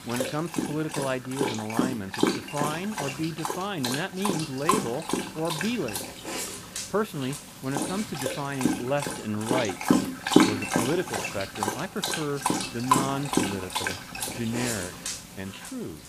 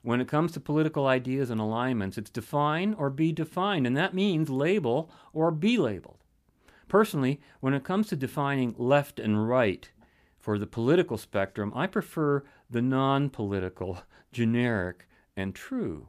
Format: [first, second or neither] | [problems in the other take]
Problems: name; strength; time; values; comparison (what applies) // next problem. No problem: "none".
second | animal sounds; very loud; throughout; 3 dB above the speech